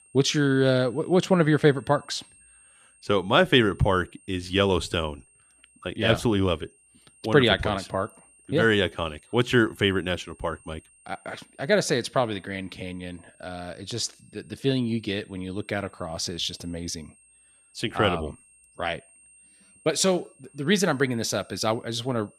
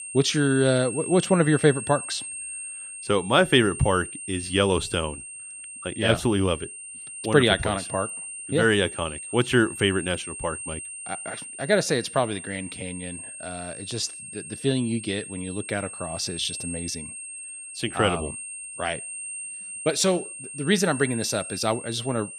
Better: first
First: high-pitched whine; faint; throughout; 8.5 kHz, 30 dB below the speech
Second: high-pitched whine; loud; throughout; 8.5 kHz, 10 dB below the speech

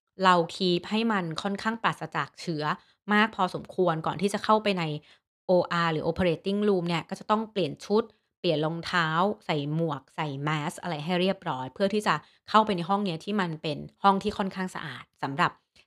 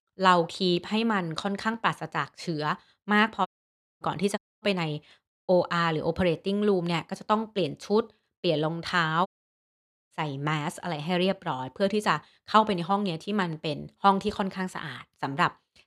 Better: first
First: none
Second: audio cutting out; at 3.5 s for 0.5 s, at 4.5 s and at 9.5 s for 1 s

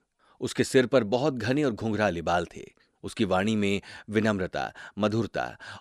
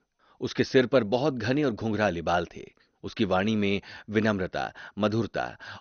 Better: first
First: none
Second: garbled, watery; slightly; nothing above 6.5 kHz

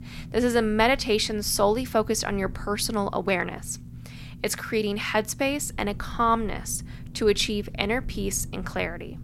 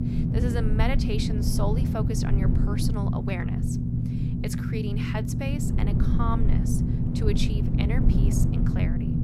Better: first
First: low rumble; faint; throughout; 25 dB below the speech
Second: low rumble; loud; throughout; as loud as the speech

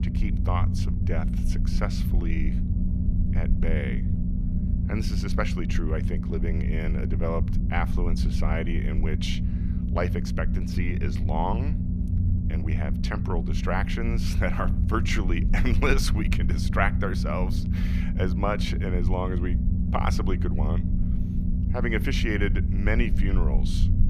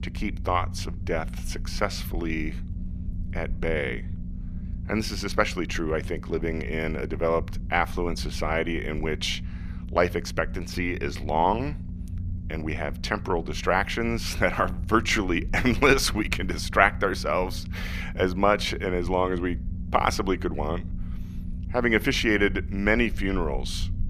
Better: second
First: low rumble; loud; throughout; 7 dB below the speech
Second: low rumble; faint; throughout; 20 dB below the speech

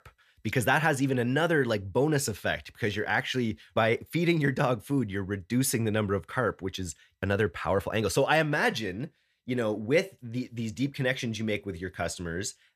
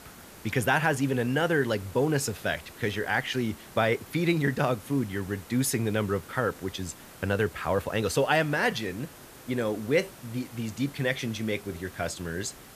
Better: first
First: none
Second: hiss; noticeable; throughout; 20 dB below the speech

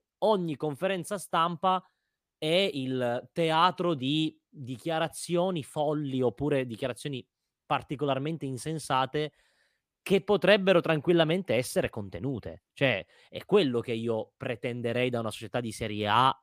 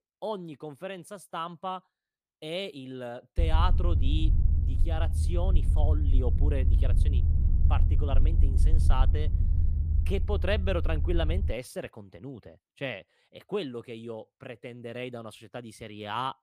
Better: first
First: none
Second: low rumble; loud; from 3.5 to 12 s; 9 dB below the speech

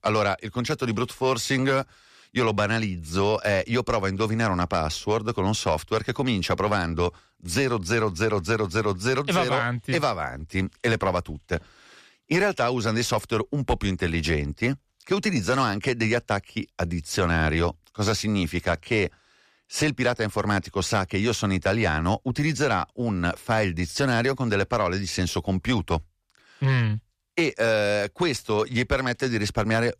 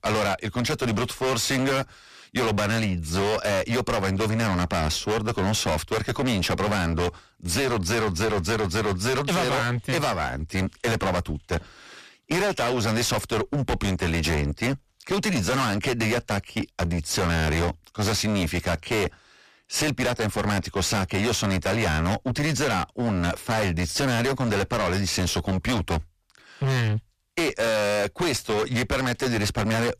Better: first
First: none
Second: distortion; heavy; 31% of the sound clipped

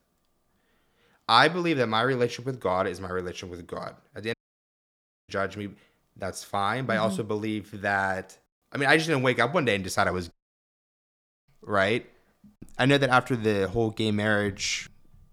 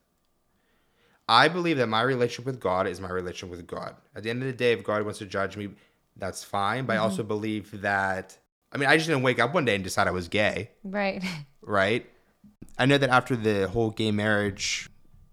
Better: second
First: audio cutting out; at 4.5 s for 1 s and at 10 s for 1 s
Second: none

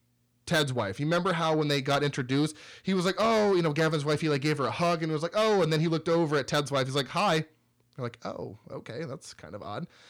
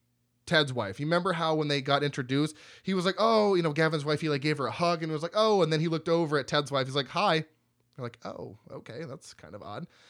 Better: second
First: distortion; slight; 10 dB below the speech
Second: none

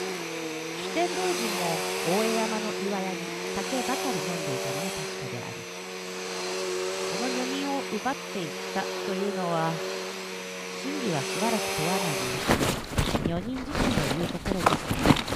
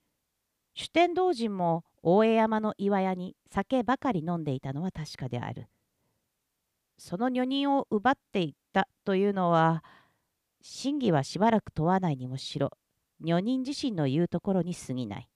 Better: second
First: household noises; very loud; throughout; 3 dB above the speech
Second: none

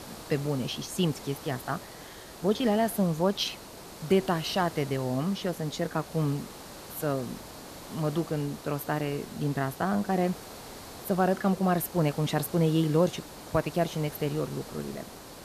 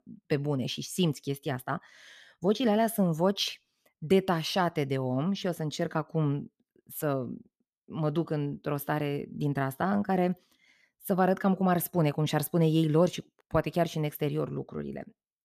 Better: second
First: hiss; noticeable; throughout; 15 dB below the speech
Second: none

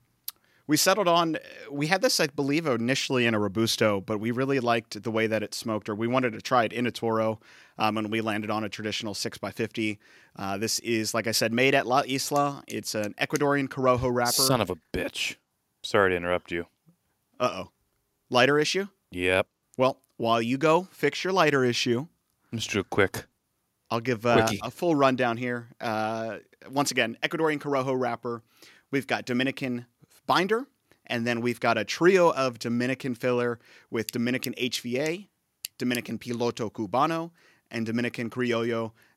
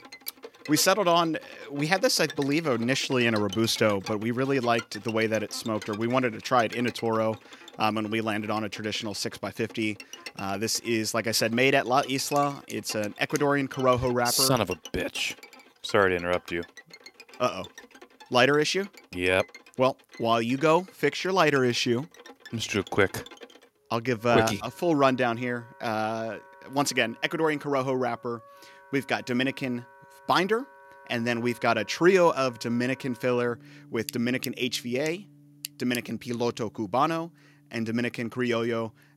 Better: first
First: none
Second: background music; noticeable; throughout; 20 dB below the speech

